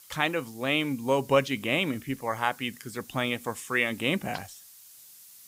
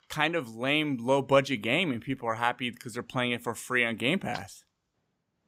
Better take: second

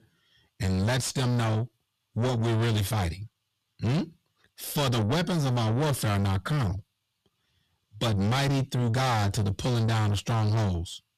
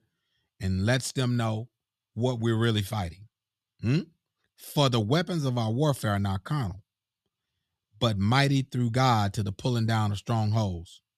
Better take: second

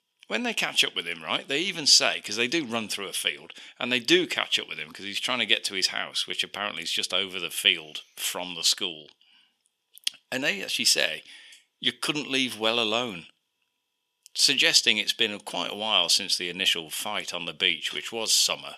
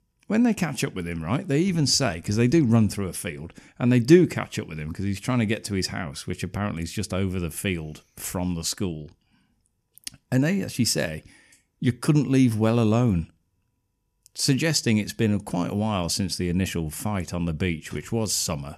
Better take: second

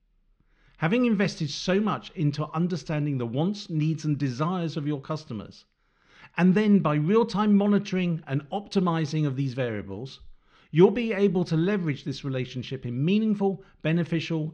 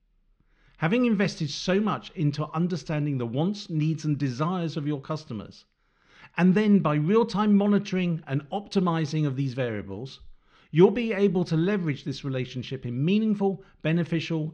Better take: neither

